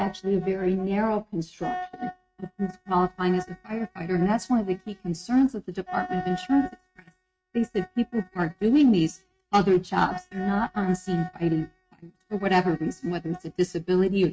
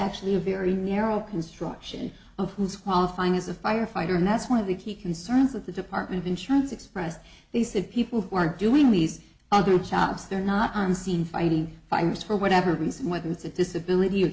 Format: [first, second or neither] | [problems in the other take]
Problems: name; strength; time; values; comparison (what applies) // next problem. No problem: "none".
second | noise reduction (neural mask model RNNoise)